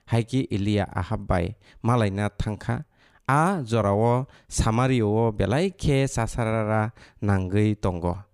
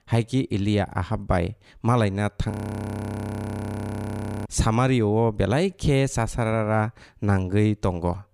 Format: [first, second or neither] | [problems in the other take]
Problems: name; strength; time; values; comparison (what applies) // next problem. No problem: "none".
first | audio freezing; at 2.5 s for 2 s